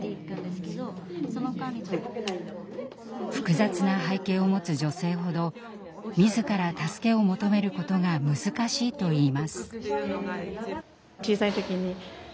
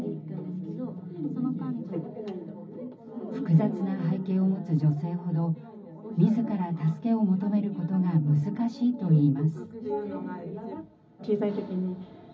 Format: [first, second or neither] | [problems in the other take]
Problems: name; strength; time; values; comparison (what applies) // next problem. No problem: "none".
first | room echo; dies away in 0.4 s